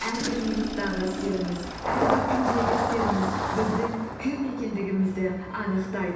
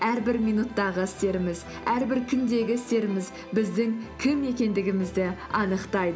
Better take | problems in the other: second | background sound (Engine starting); 1 dB below the speech // room echo; dies away in 0.9 s

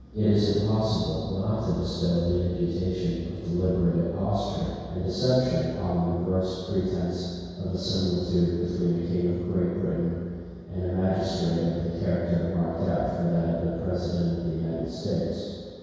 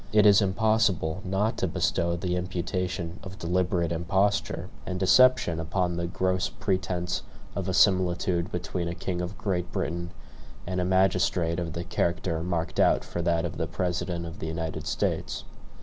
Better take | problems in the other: second | room echo; dies away in 2 s

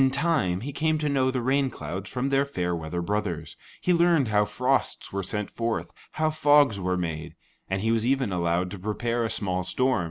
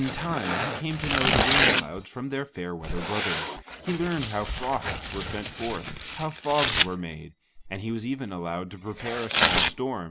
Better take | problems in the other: first | background sound (Tearing); 2 dB above the speech

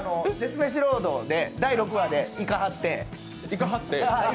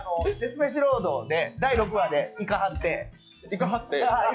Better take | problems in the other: first | noise reduction (classical method log-MMSE)

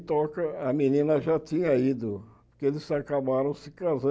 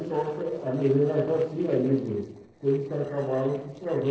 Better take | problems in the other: first | noise reduction (neural separator model SepFormer DNS4)

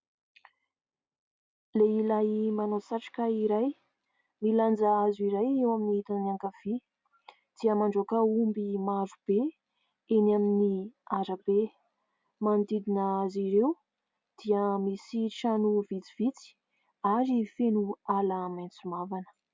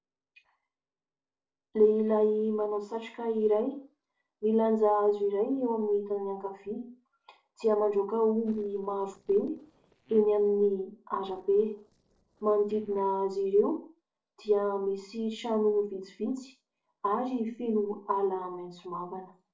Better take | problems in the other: first | noise reduction (neural separator model SepFormer DNS4)

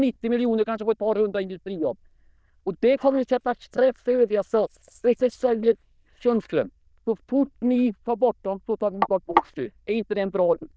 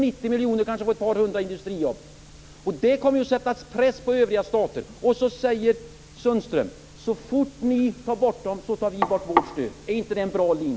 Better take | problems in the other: second | noise reduction (neural diffusion model UNIVERSE++)

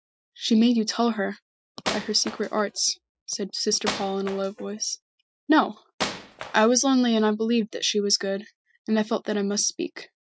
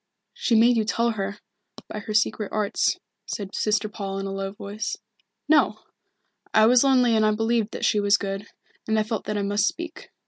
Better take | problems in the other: second | noise reduction (classical method Wiener filter)

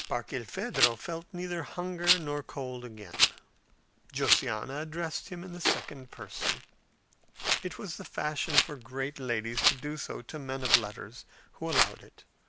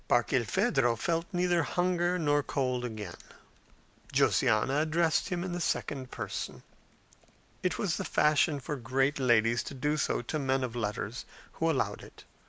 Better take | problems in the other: second | background sound (Rattle); 2 dB above the speech

